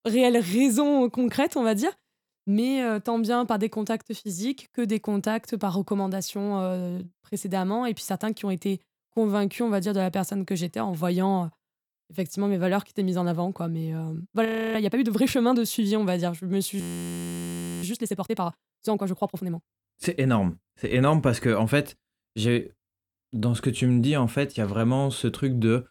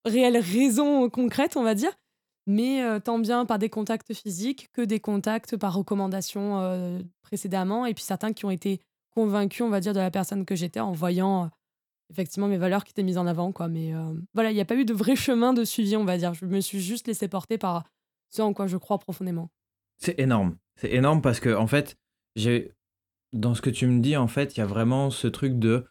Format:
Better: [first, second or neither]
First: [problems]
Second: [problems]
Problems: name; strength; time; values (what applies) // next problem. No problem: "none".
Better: second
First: audio freezing; at 14 s and at 17 s for 1 s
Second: none